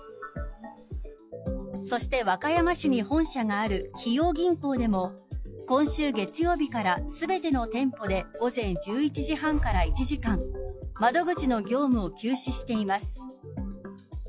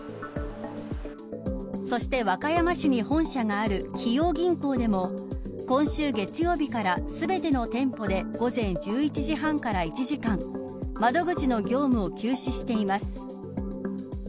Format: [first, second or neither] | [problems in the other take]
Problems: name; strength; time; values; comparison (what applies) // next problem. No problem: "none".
second | noise reduction (classical method log-MMSE)